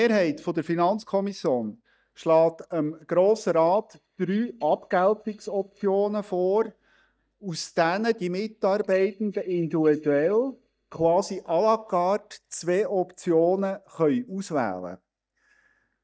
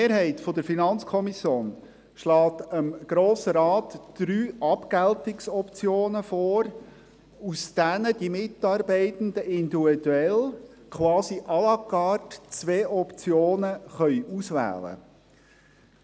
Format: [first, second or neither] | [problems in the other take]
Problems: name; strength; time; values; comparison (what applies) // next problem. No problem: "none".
second | noise reduction (neural mask model DeepFilterNet 3)